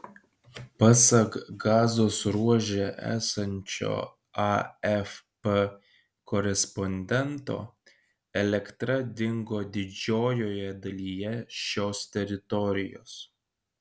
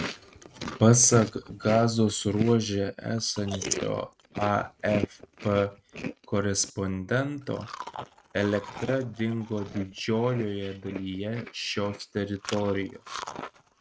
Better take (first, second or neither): first